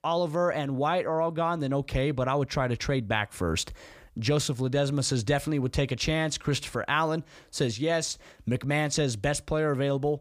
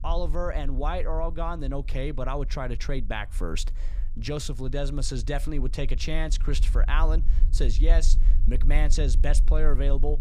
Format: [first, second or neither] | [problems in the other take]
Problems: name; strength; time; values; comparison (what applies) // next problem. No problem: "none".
first | low rumble; noticeable; throughout; 20 dB below the speech